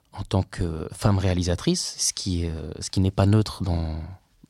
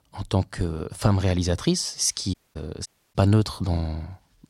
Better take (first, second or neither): first